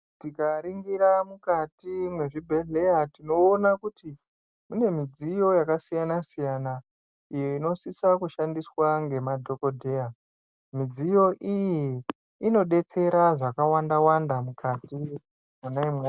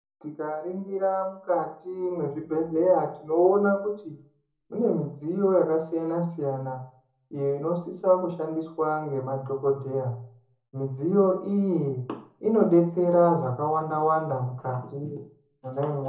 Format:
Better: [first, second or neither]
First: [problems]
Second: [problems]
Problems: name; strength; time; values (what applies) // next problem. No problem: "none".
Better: first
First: none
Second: room echo; dies away in 0.6 s